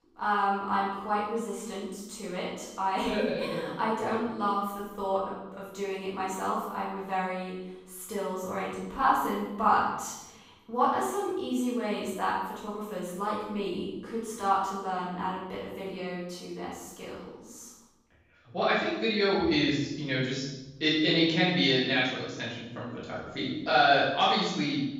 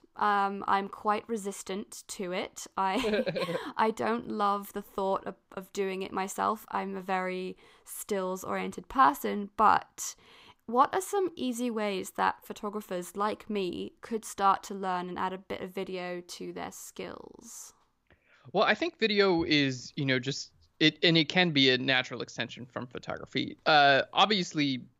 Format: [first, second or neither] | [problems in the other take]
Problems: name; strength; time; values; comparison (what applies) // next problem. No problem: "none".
second | room echo; strong; dies away in 0.9 s // off-mic speech; far